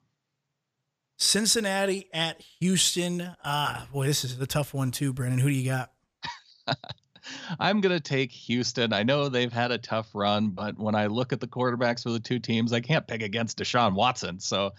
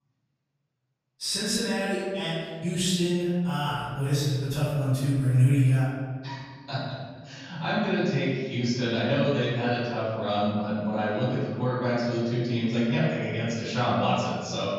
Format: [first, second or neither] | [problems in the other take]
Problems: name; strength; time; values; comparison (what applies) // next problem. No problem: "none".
first | off-mic speech; far // room echo; strong; dies away in 1.7 s